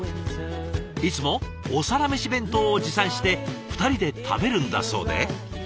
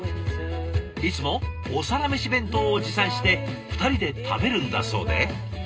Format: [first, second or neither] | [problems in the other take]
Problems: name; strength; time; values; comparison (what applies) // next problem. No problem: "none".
first | room echo; dies away in 0.2 s